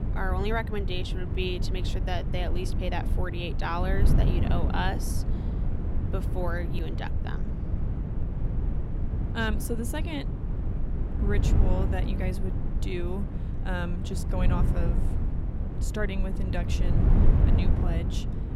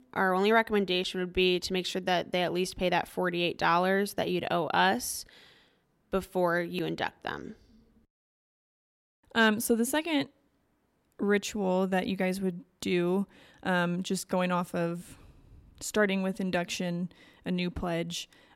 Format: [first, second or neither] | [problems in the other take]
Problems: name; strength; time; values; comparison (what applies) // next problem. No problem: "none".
second | wind noise on the microphone; heavy; 6 dB below the speech